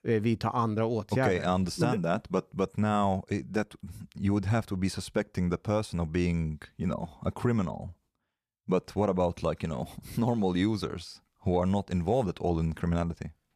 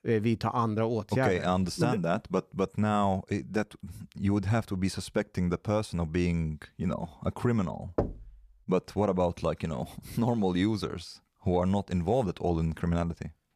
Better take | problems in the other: first | door banging; noticeable; at 8 s; peak 4 dB below the speech

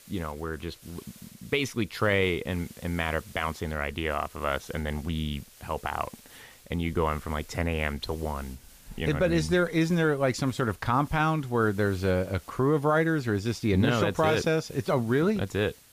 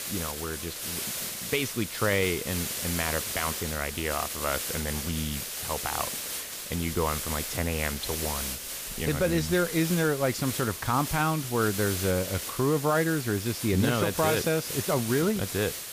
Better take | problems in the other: first | hiss; loud; throughout; 4 dB below the speech; faint in the first

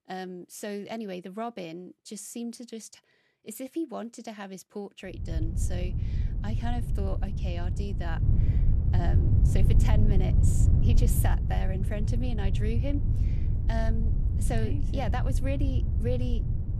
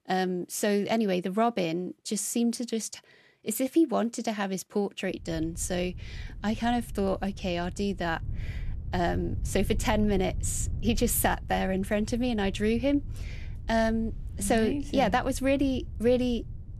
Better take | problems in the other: second | wind noise on the microphone; heavy; from 5 s on; 4 dB below the speech; occasional gusts in the second

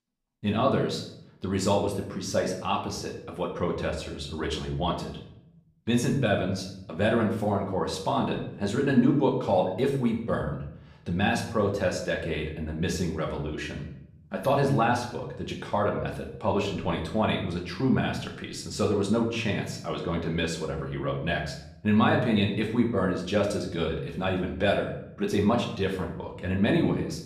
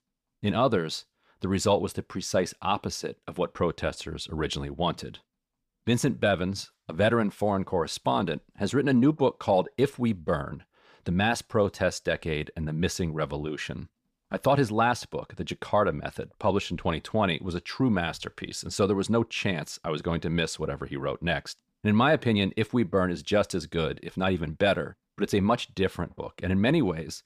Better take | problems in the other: second | room echo; slight; dies away in 0.6 s // off-mic speech; somewhat distant

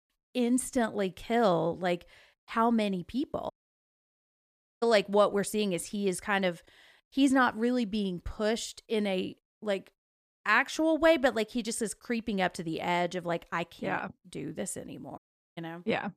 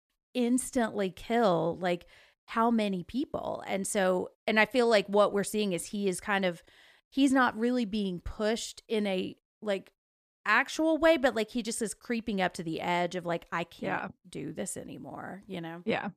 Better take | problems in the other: second | audio cutting out; at 3.5 s for 1.5 s and at 15 s

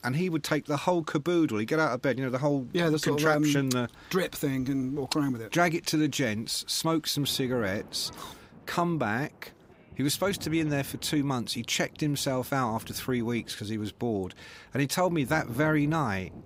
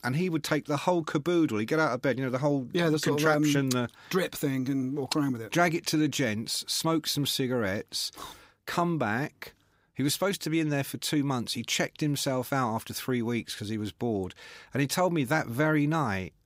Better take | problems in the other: second | rain or running water; faint; throughout; 20 dB below the speech

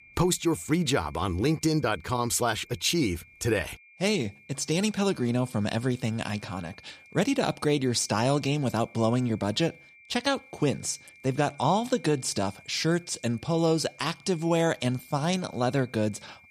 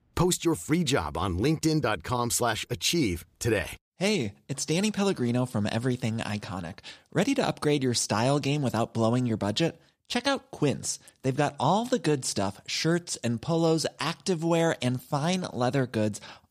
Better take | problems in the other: second | high-pitched whine; faint; throughout; 2.5 kHz, 25 dB below the speech

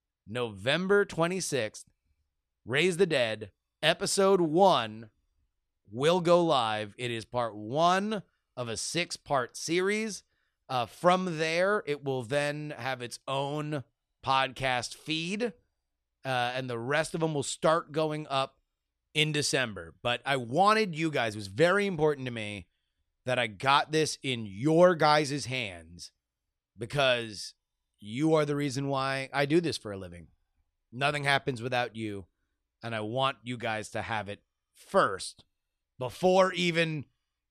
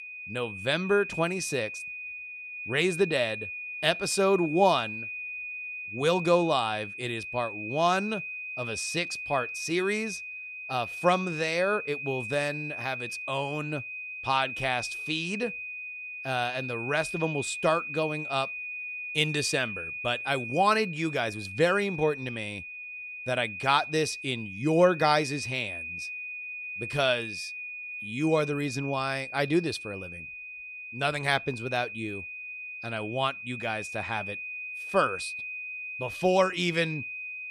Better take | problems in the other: first | high-pitched whine; loud; throughout; 2.5 kHz, 7 dB below the speech

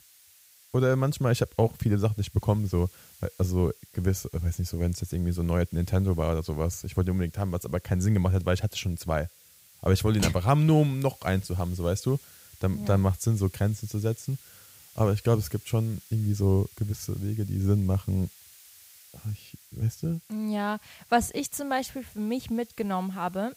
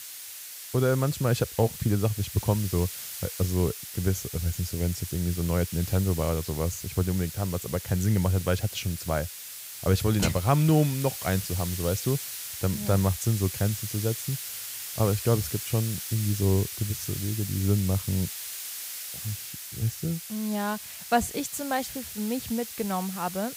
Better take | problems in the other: first | hiss; loud; throughout; 7 dB below the speech; faint in the first

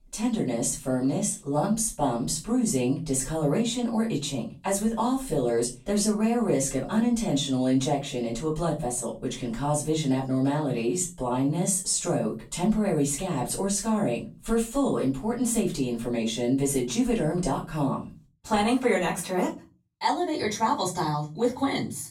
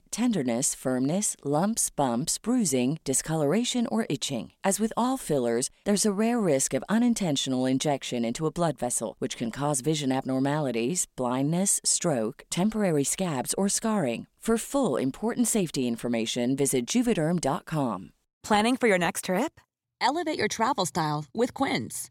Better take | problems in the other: second | room echo; slight; dies away in 0.3 s // off-mic speech; far

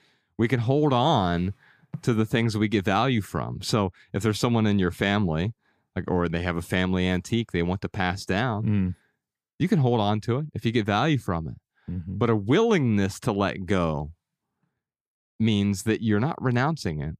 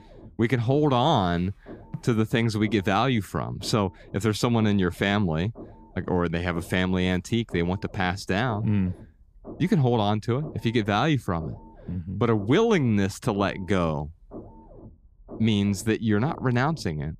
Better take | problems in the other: first | low rumble; faint; throughout; 20 dB below the speech

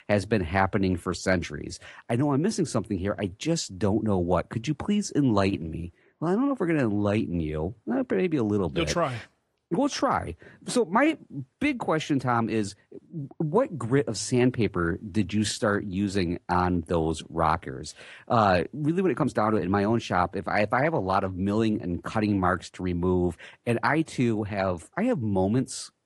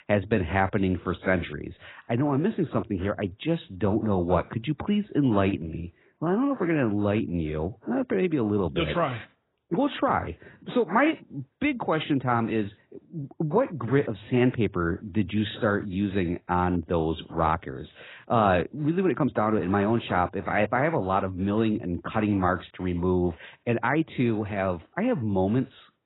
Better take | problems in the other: first | garbled, watery; badly; nothing above 4 kHz; slightly in the first

